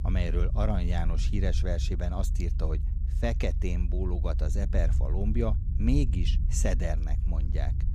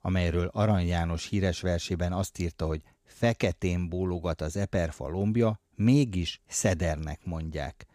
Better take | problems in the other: second | low rumble; noticeable; throughout; 10 dB below the speech

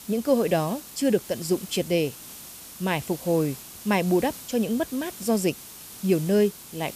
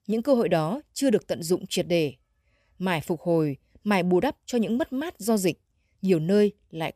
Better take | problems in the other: second | hiss; noticeable; throughout; 15 dB below the speech

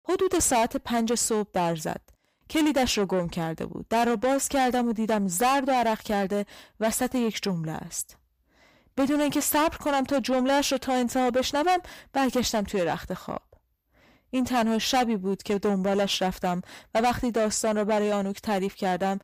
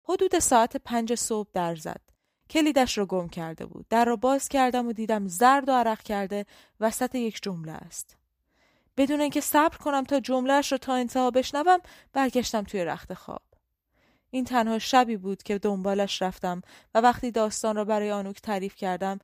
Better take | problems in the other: second | distortion; heavy; 7 dB below the speech

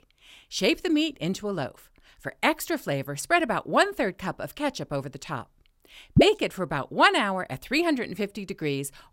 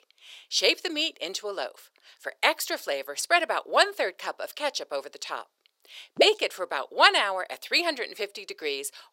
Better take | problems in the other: first | thin; very; fading below 450 Hz

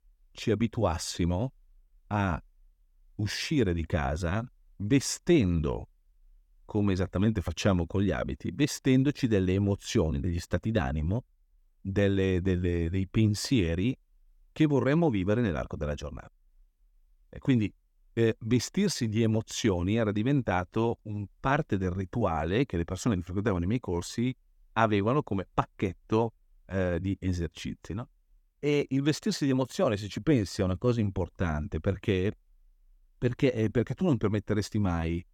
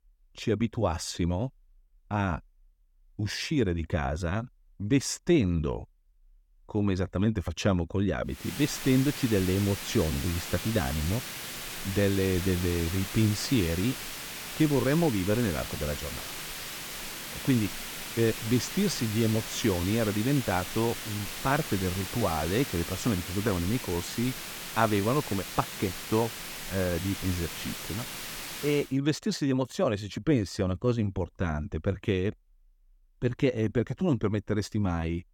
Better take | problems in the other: first | hiss; loud; from 8.5 to 29 s; 7 dB below the speech

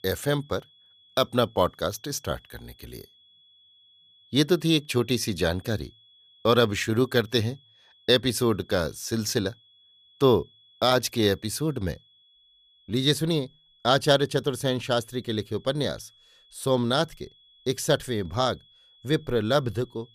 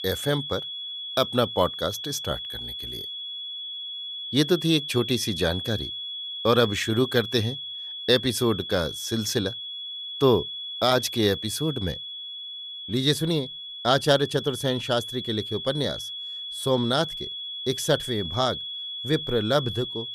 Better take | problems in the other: first | high-pitched whine; loud; throughout; 3.5 kHz, 7 dB below the speech; faint in the first

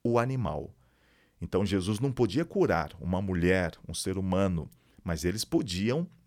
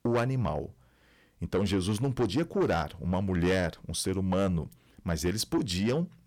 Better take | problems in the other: first | distortion; slight; 10 dB below the speech

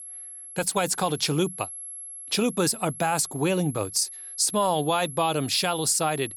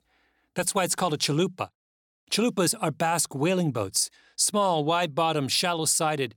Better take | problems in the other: second | high-pitched whine; noticeable; throughout; 11 kHz, 10 dB below the speech

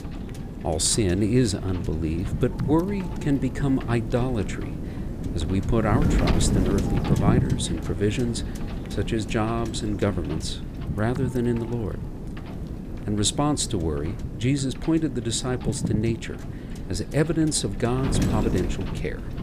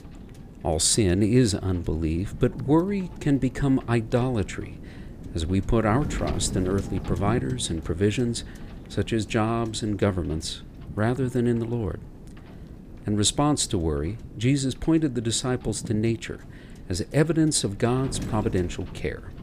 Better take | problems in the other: second | wind noise on the microphone; heavy; 8 dB below the speech; occasional gusts in the second

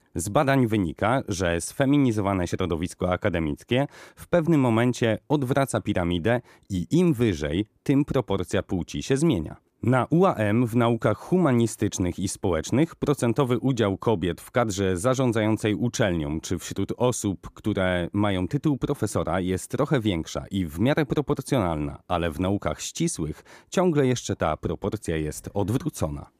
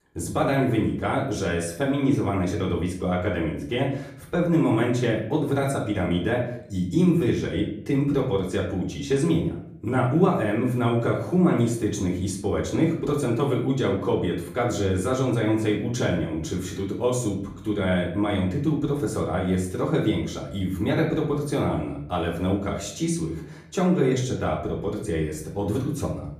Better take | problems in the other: first | off-mic speech; far // room echo; slight; dies away in 0.5 s

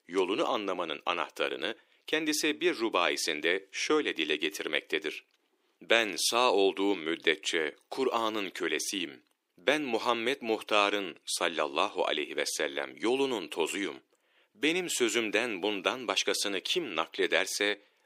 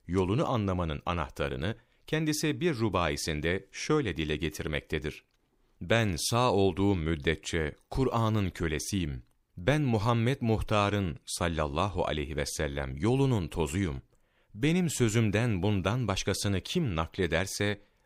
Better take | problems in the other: second | thin; somewhat; fading below 350 Hz

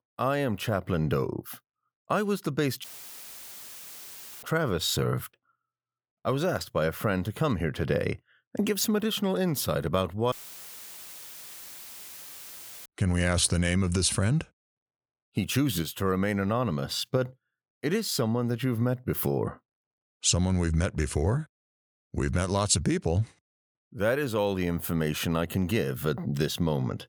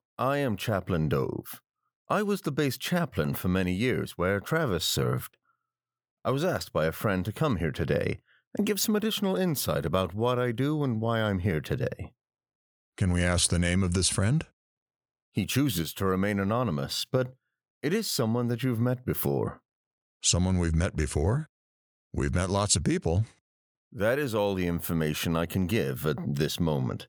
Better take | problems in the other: second | audio cutting out; filled with static; at 3 s for 1.5 s and at 10 s for 2.5 s

